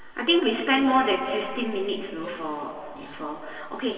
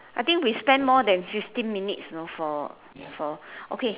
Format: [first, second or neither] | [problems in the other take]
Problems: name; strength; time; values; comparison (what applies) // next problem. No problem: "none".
second | background sound (Bowed string instrument); 19 dB below the speech // room echo; dies away in 2.7 s